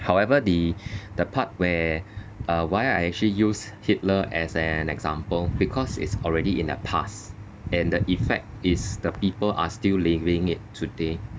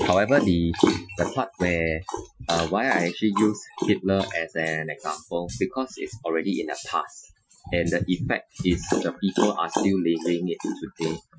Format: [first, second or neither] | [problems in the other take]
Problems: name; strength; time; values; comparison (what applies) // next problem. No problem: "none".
first | noise reduction (classical method Wiener filter)